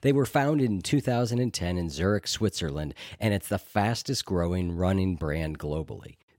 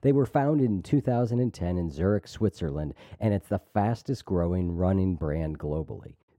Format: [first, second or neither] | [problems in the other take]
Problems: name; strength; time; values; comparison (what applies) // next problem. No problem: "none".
first | muffled; very; fading above 1.5 kHz